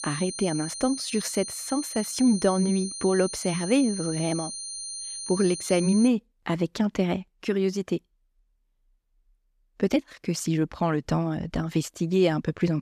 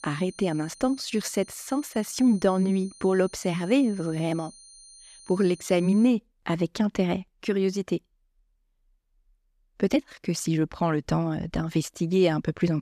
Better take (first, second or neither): second